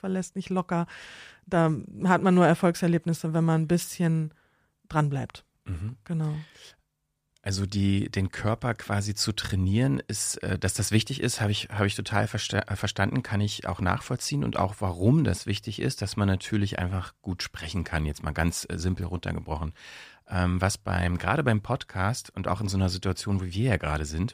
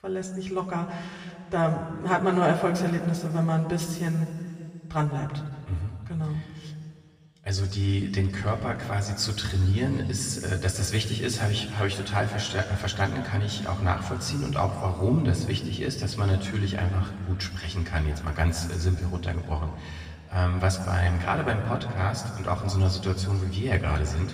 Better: first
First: none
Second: room echo; noticeable; dies away in 2.1 s // off-mic speech; somewhat distant

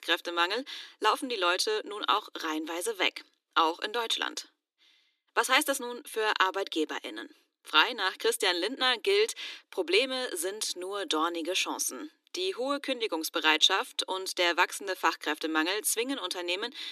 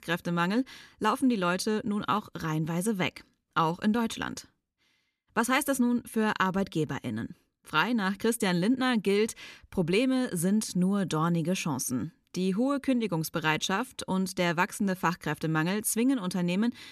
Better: second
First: thin; very; fading below 300 Hz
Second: none

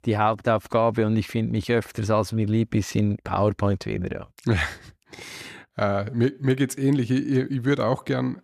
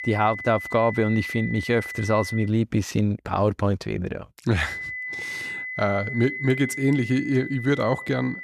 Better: first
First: none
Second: high-pitched whine; loud; until 2.5 s and from 4.5 s on; 2 kHz, 8 dB below the speech

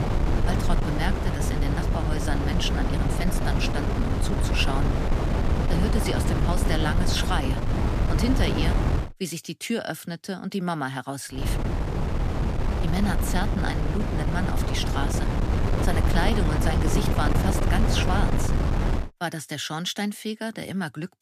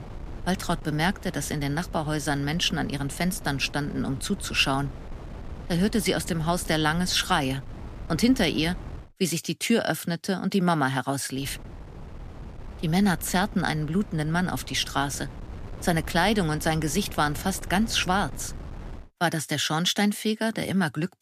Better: second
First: wind noise on the microphone; heavy; until 9 s and from 11 to 19 s; 1 dB below the speech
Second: wind noise on the microphone; occasional gusts; until 9 s and from 11 to 19 s; 20 dB below the speech

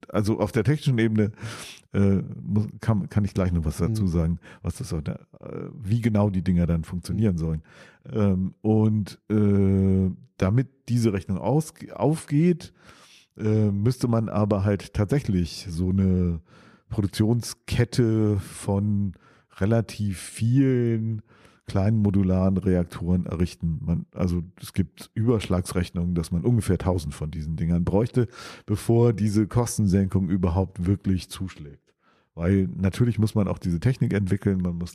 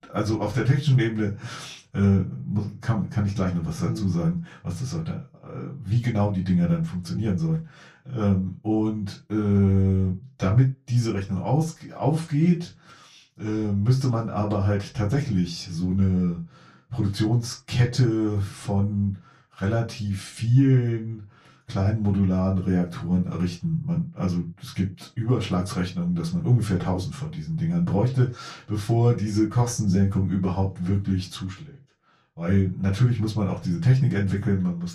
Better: first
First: none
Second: room echo; very slight; dies away in 0.2 s // off-mic speech; far

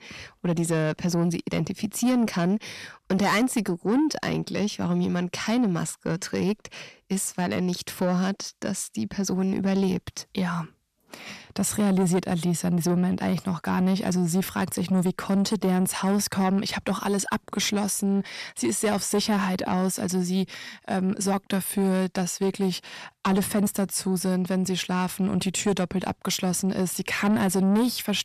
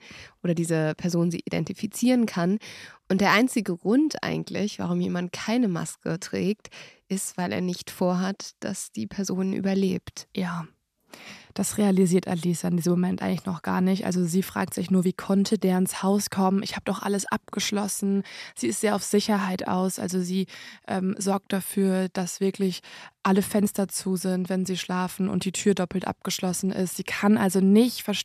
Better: second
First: distortion; slight; 10 dB below the speech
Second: none

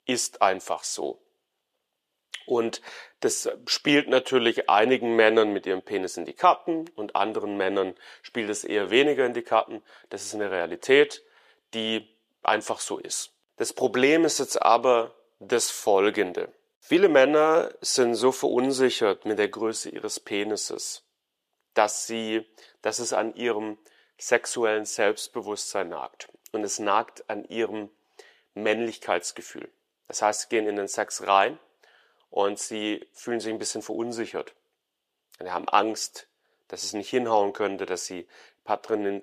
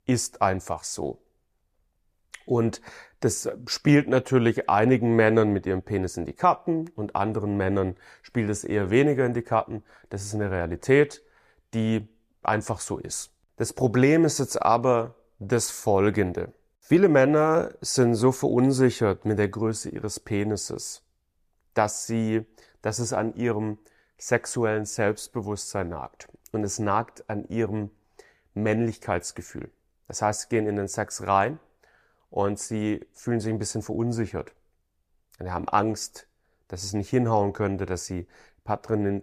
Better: second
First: thin; somewhat; fading below 400 Hz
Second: none

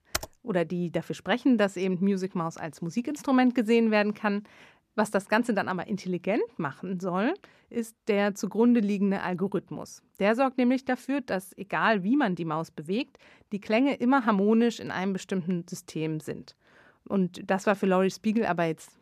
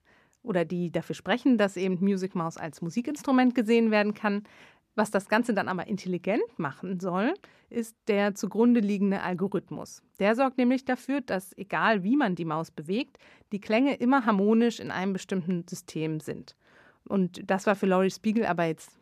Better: second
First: keyboard typing; noticeable; at the start; peak 7 dB below the speech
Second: none

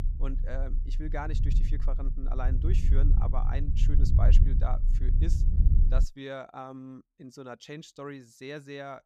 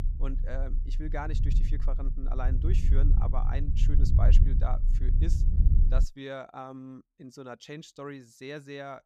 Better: neither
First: low rumble; loud; until 6 s; 5 dB below the speech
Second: low rumble; loud; until 6 s; 5 dB below the speech

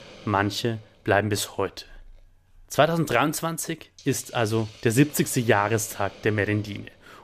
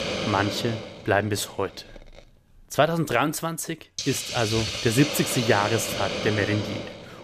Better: first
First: hiss; faint; throughout; 20 dB below the speech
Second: hiss; loud; throughout; 4 dB below the speech

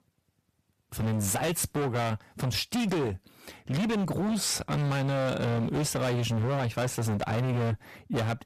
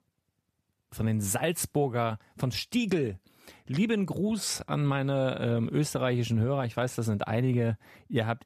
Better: second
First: distortion; heavy; 29% of the sound clipped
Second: none

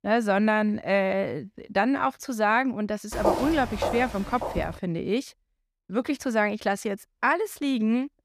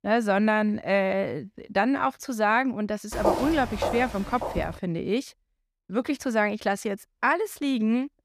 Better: neither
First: footsteps; noticeable; from 3 to 4.5 s; peak level with the speech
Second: footsteps; noticeable; from 3 to 4.5 s; peak level with the speech

